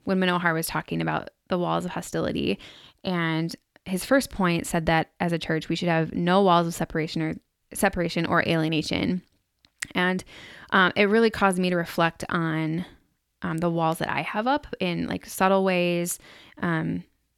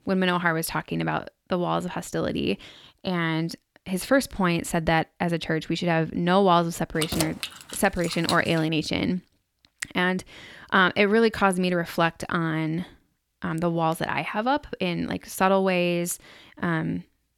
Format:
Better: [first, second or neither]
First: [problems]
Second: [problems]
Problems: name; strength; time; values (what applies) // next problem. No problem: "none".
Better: first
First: none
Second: jangling keys; noticeable; from 7 to 8.5 s; peak 3 dB below the speech